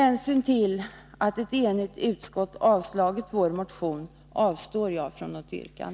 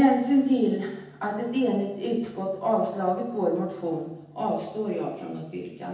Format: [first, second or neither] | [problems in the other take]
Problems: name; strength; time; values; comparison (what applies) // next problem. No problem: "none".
first | room echo; dies away in 0.9 s